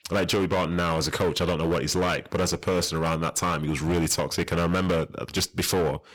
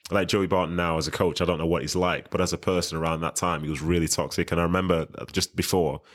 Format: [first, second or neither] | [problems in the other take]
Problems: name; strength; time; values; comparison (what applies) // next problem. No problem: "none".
second | distortion; heavy; 16% of the sound clipped